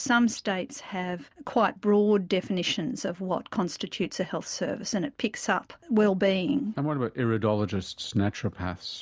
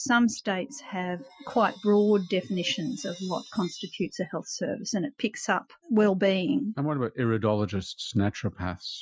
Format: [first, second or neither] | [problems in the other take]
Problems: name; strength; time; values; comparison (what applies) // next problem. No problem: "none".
first | noise reduction (classical method Wiener filter)